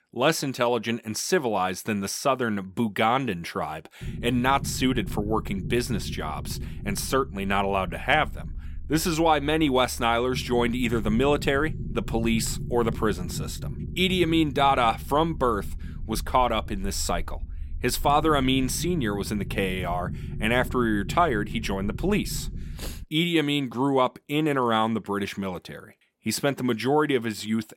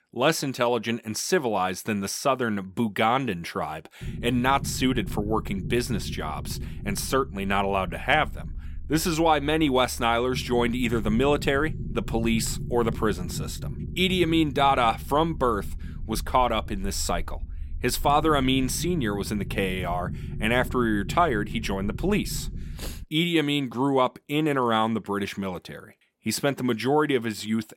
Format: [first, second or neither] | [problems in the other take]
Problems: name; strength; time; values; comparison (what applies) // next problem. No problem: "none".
neither | low rumble; faint; from 4 to 23 s; 20 dB below the speech; the same in both